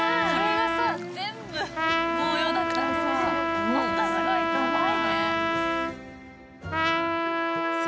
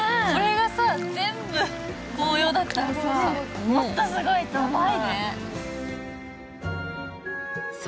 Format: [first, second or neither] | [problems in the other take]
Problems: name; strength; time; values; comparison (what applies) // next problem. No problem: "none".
second | background sound (Trumpet); 4 dB above the speech